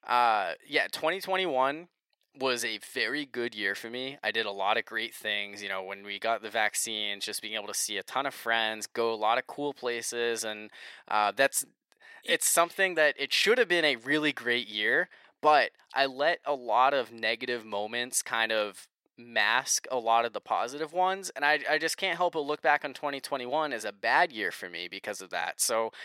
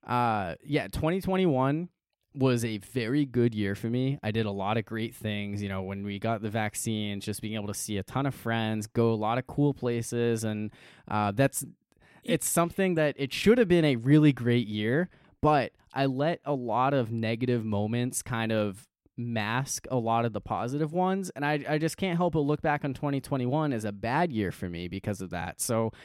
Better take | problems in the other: second | thin; very; fading below 650 Hz

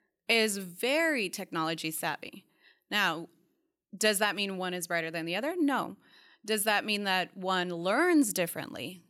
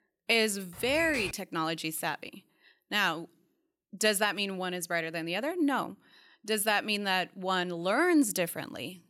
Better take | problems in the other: first | keyboard typing; noticeable; at 0.5 s; peak 6 dB below the speech

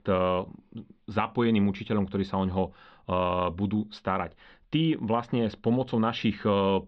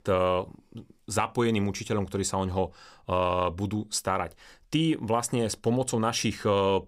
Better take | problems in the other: second | muffled; very; fading above 3.5 kHz

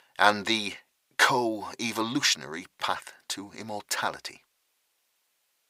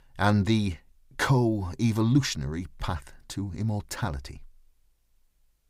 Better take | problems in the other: second | thin; very; fading below 550 Hz

